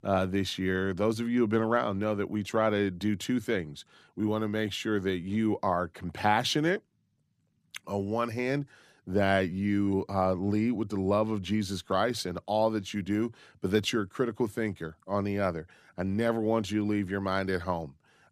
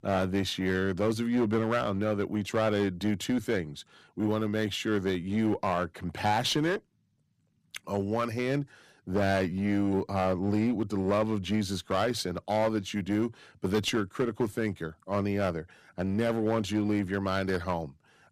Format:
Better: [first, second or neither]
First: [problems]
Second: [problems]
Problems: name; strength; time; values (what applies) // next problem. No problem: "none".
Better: first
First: none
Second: distortion; slight; 7% of the sound clipped